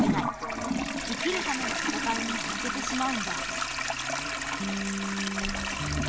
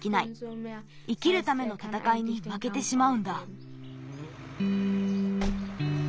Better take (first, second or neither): second